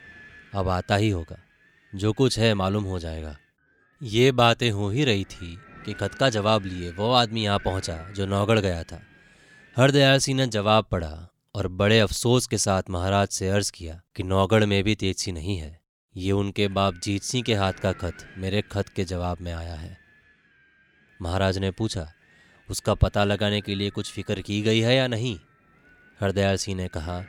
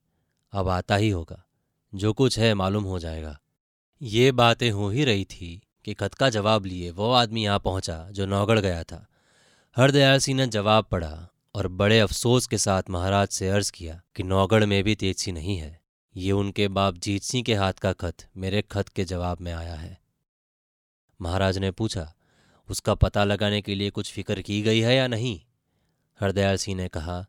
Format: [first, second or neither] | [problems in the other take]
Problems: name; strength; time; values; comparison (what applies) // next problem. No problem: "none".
second | wind noise on the microphone; occasional gusts; until 10 s and from 17 s on; 25 dB below the speech